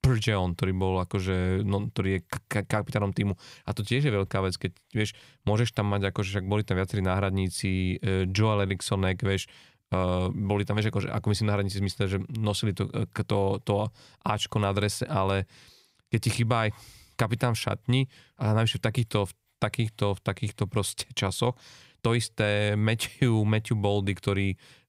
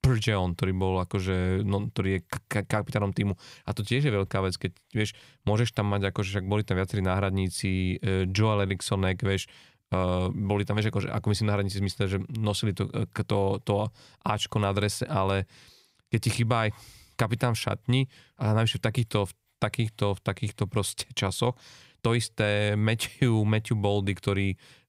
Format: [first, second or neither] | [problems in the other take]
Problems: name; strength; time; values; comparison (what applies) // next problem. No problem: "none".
neither | none